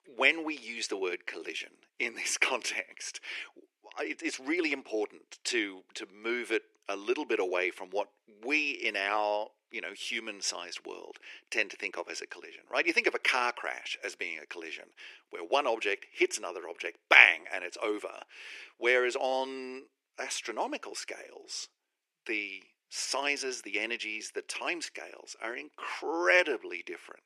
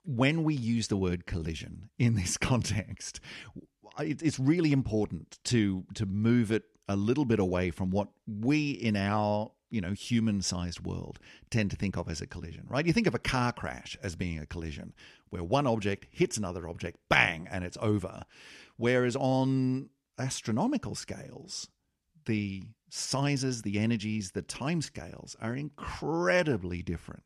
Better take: second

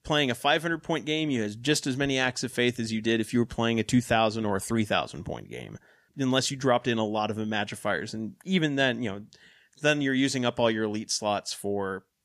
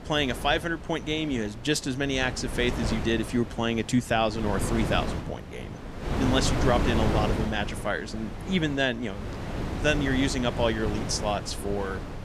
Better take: first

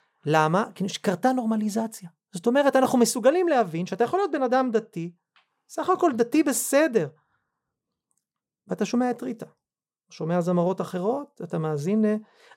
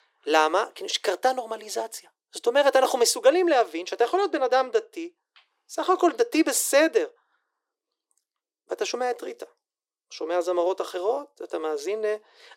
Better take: first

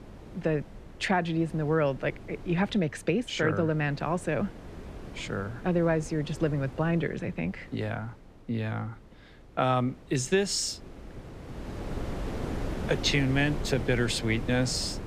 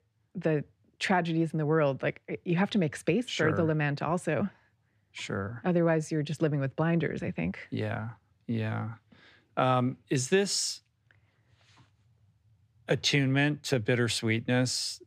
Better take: second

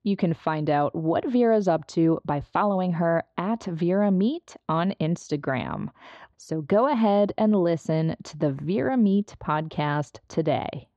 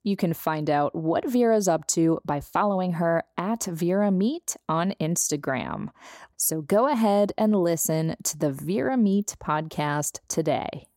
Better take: second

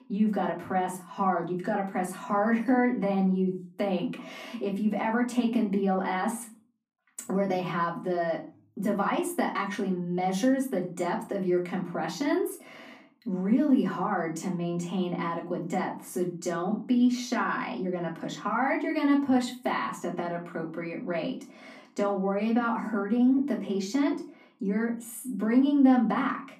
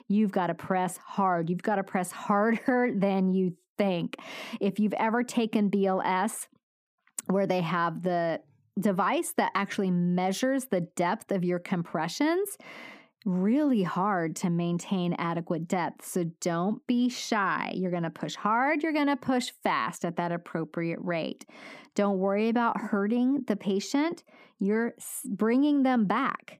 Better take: second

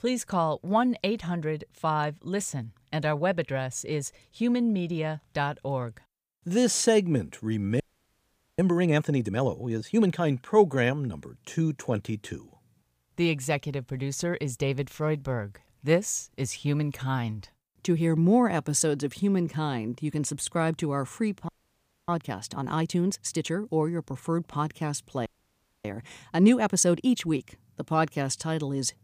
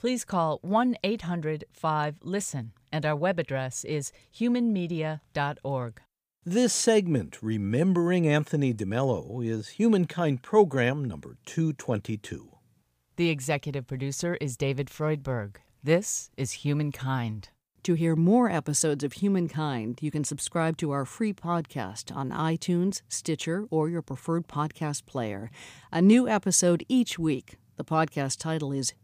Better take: second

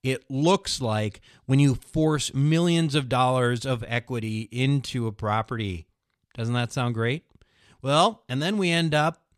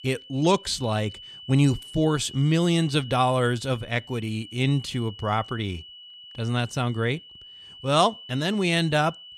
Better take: first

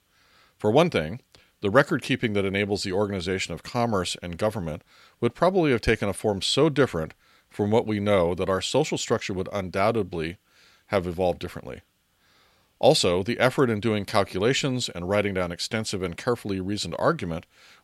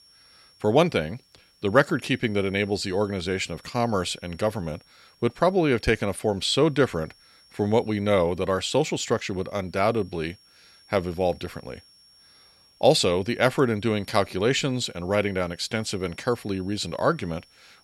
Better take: first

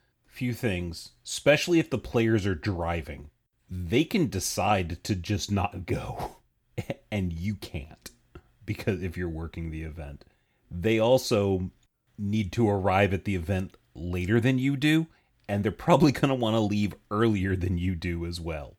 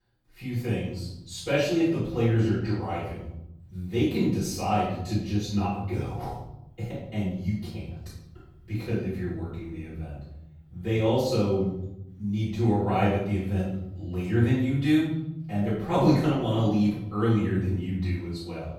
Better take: first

